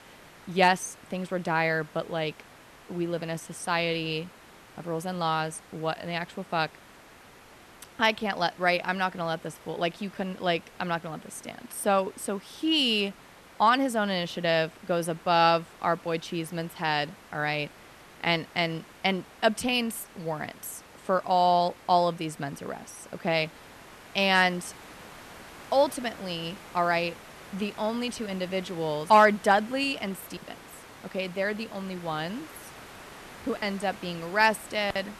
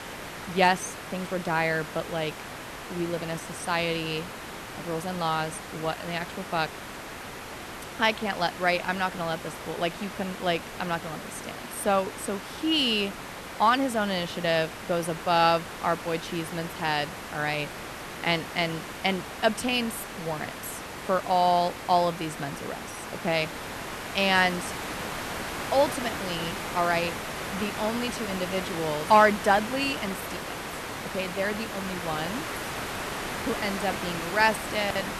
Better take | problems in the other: first | hiss; loud; throughout; 8 dB below the speech; faint in the first

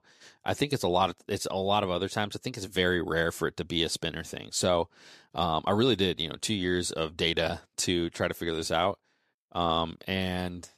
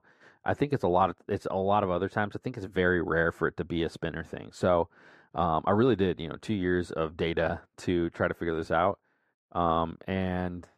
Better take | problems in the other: first | muffled; very; fading above 2.5 kHz

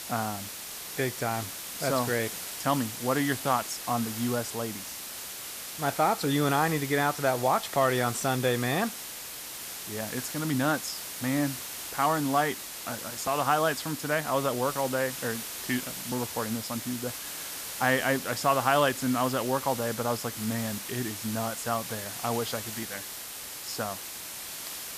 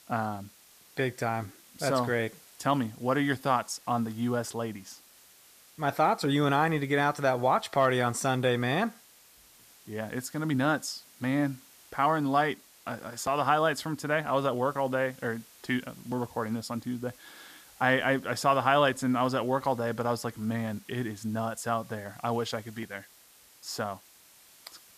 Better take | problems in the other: second | hiss; loud; throughout; 7 dB below the speech; faint in the second

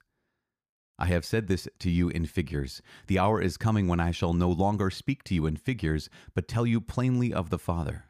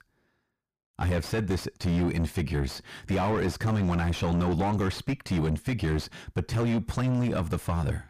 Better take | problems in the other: first | distortion; heavy; 5 dB below the speech

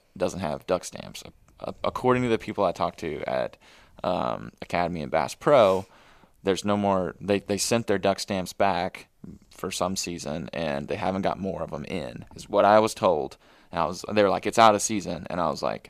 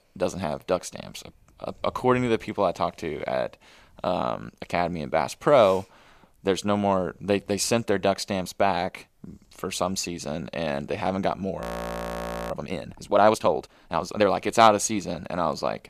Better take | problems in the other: first | audio freezing; at 12 s for 1 s

